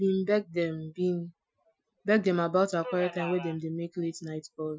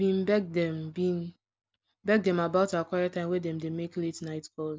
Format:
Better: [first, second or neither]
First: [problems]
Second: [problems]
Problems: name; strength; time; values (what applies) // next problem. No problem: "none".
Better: second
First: noise reduction (classical method Wiener filter)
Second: none